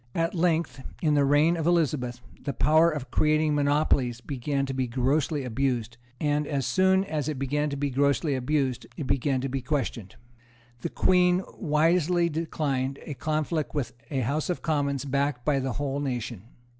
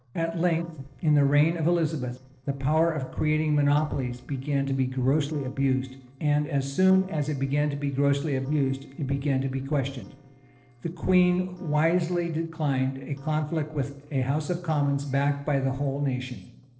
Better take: first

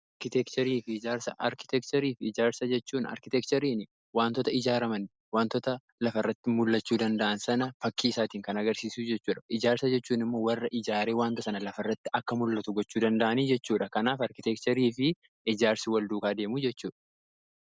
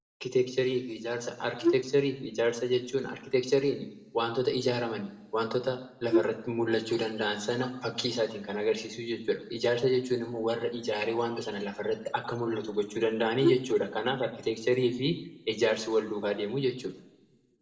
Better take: first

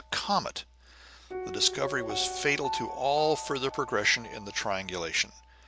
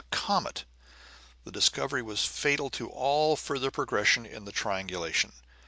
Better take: second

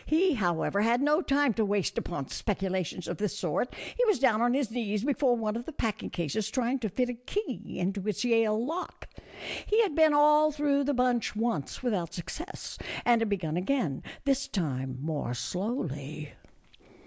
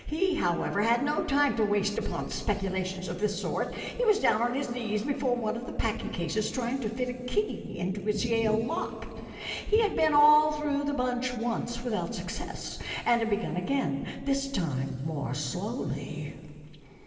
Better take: first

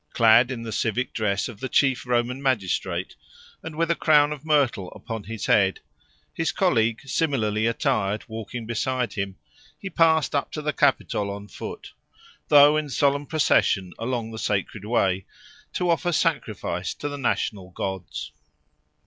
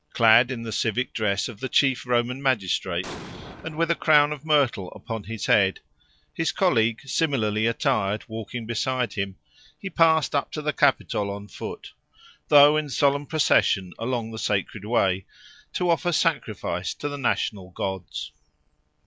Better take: first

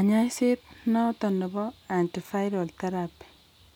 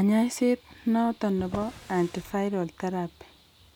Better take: first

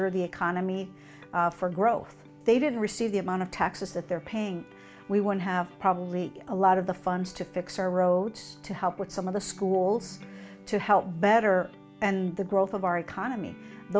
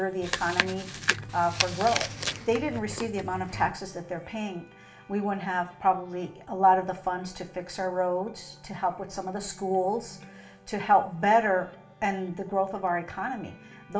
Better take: first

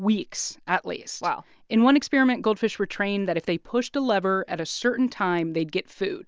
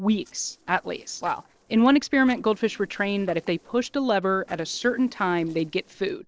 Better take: first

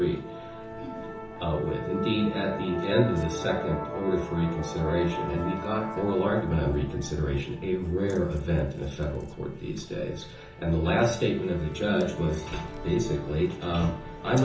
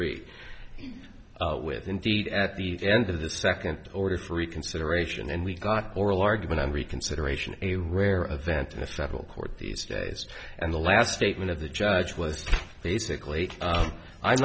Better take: second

